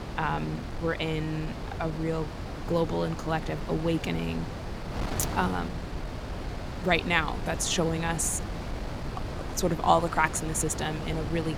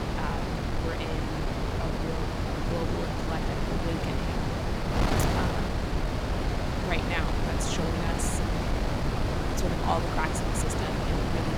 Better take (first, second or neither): first